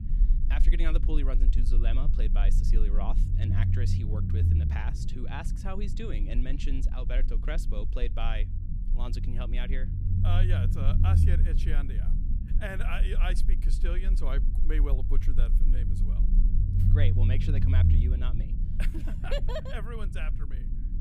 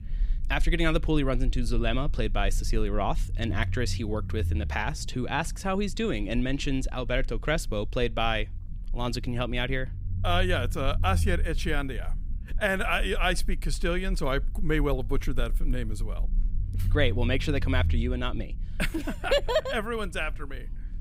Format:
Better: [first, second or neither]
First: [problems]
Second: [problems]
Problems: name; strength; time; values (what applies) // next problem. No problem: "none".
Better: second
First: low rumble; loud; throughout; 5 dB below the speech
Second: low rumble; faint; throughout; 20 dB below the speech